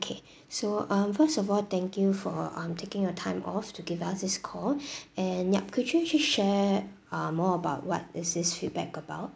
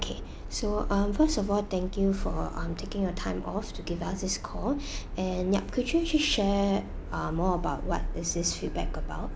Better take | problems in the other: first | background sound (Subway, metro, underground); 5 dB below the speech

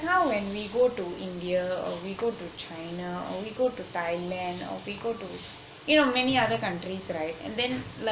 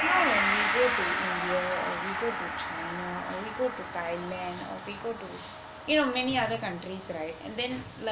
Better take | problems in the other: first | background sound (Gong); 1 dB below the speech

